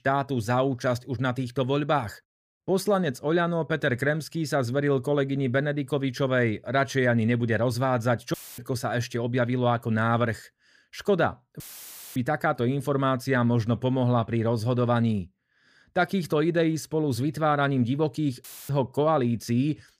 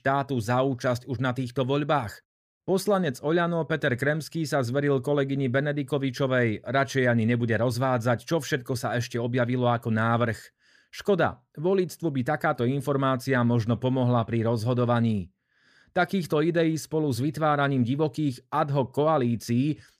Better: second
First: audio cutting out; filled with static; at 8.5 s, at 12 s for 0.5 s and at 18 s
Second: none

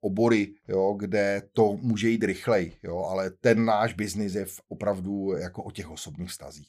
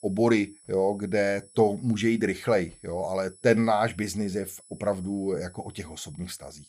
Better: first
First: none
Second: high-pitched whine; faint; throughout; 10 kHz, 25 dB below the speech

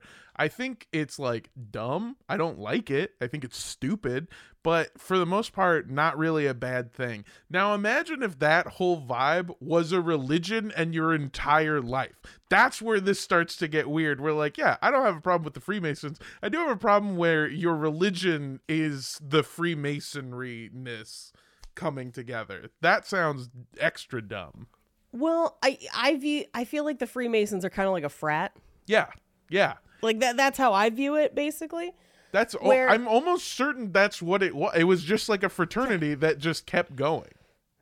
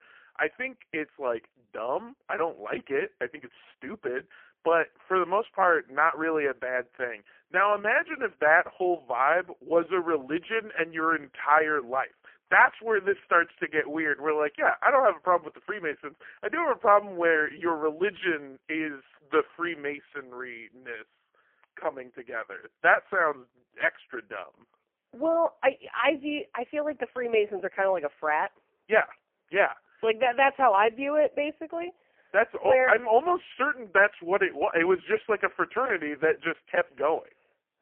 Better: first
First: none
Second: phone-call audio; poor line; nothing above 3 kHz

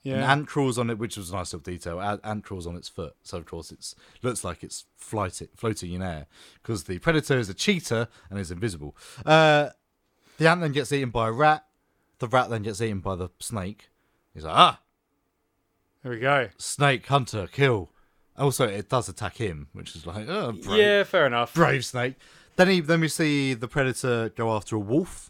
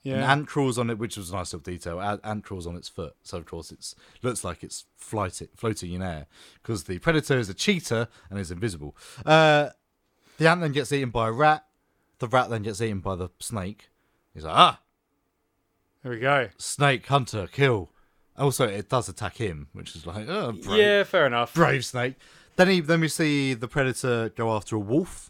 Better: neither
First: none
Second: none

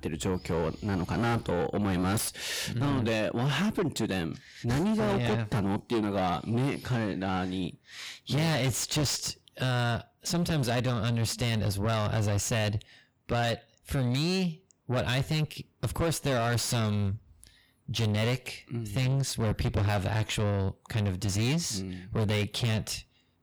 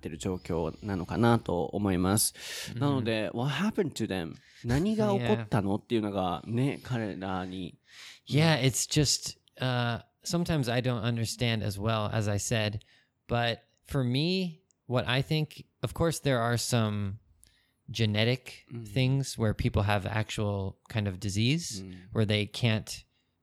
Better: second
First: distortion; heavy; 6 dB below the speech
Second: none

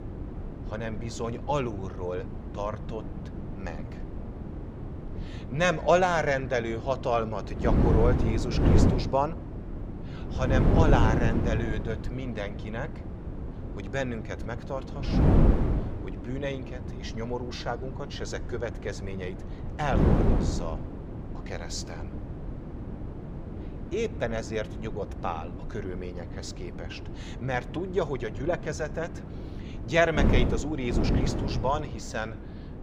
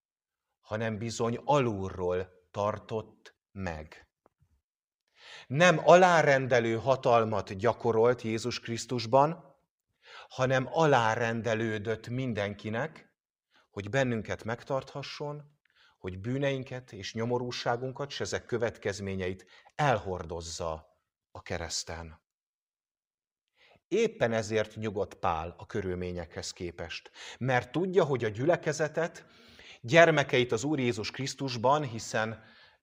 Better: second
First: wind noise on the microphone; heavy; 7 dB below the speech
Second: none

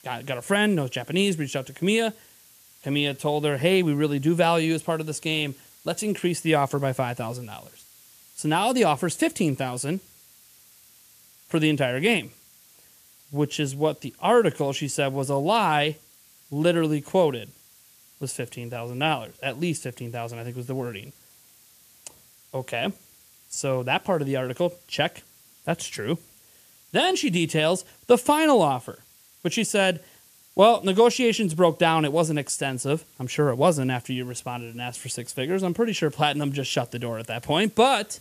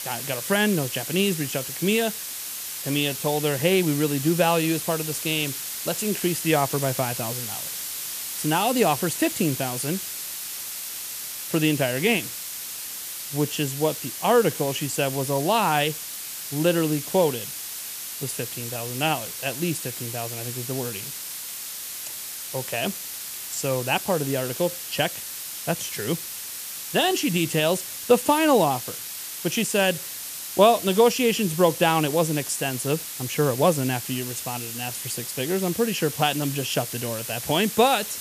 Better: first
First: hiss; faint; throughout; 25 dB below the speech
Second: hiss; loud; throughout; 6 dB below the speech

